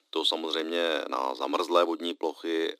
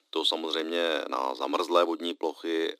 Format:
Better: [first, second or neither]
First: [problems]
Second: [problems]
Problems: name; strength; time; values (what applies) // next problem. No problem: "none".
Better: neither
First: thin; very; fading below 300 Hz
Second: thin; very; fading below 300 Hz